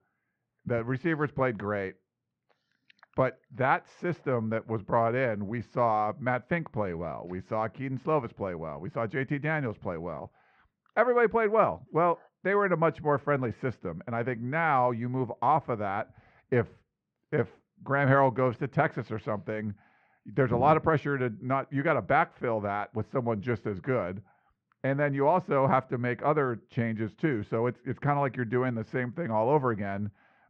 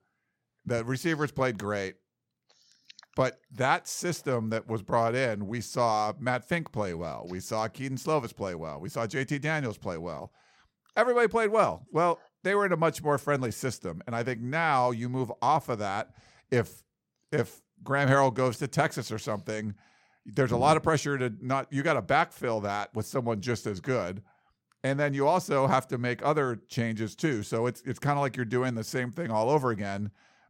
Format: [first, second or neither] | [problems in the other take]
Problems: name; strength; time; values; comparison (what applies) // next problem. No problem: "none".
second | muffled; very; fading above 2.5 kHz